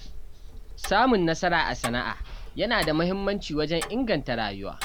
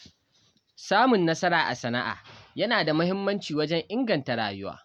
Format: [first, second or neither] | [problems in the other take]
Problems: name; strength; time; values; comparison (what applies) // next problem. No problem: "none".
second | background sound (Tick-tock); 10 dB below the speech